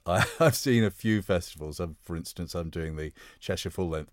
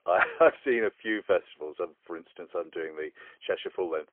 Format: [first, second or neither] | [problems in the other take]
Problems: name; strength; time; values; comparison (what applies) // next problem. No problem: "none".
first | phone-call audio; poor line; nothing above 3.5 kHz